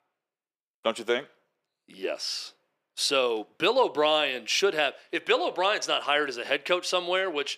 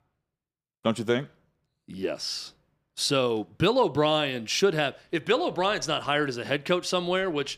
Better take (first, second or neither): second